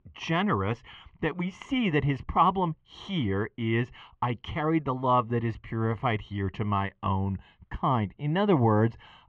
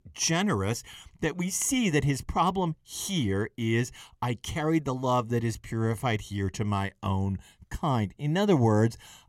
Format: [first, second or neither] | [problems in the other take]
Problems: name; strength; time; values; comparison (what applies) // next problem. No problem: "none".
second | muffled; very; fading above 3 kHz